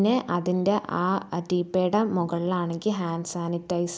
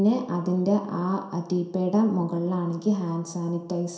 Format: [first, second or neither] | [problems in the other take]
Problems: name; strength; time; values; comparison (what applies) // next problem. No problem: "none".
first | room echo; dies away in 0.7 s